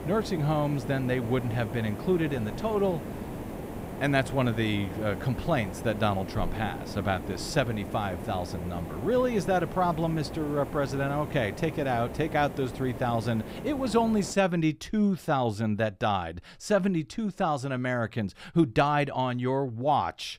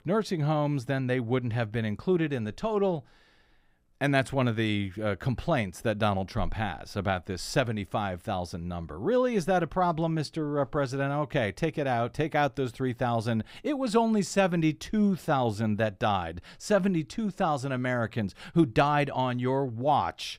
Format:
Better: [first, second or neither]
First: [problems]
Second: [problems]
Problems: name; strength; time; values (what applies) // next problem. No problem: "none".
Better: second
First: hiss; loud; until 14 s; 10 dB below the speech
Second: none